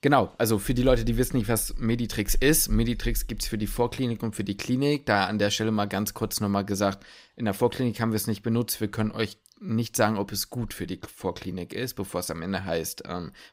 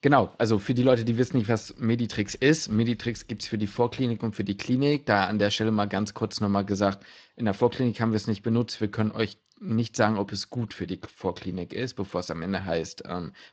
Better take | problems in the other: first | garbled, watery; slightly

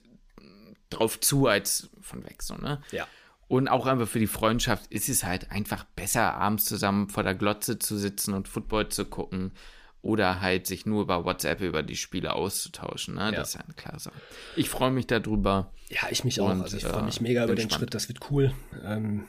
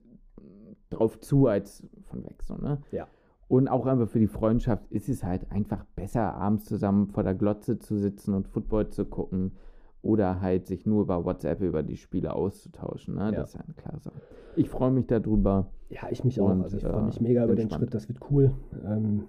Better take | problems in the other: first | muffled; very; fading above 1 kHz

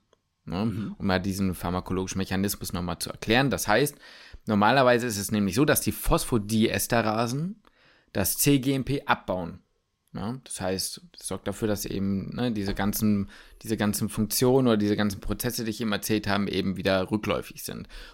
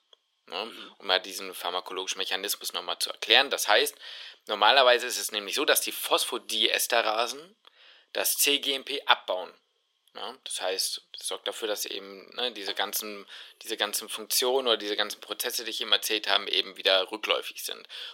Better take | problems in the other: first | thin; very; fading below 450 Hz

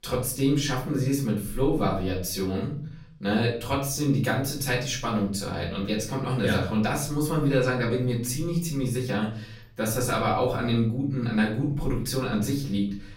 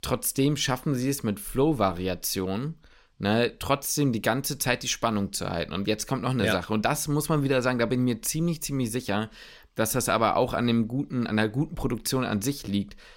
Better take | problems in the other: second | off-mic speech; far // room echo; slight; dies away in 0.5 s

